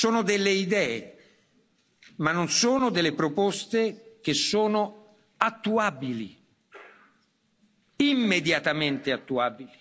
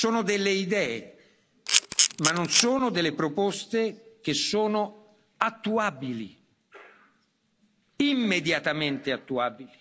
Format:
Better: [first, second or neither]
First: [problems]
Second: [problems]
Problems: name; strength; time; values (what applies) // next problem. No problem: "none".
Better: first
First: none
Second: background sound (Camera); 3 dB above the speech